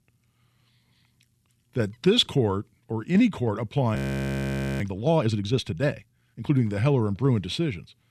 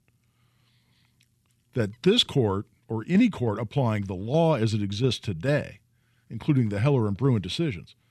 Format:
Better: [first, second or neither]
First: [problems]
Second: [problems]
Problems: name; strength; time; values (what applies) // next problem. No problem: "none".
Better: second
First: audio freezing; at 4 s for 1 s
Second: none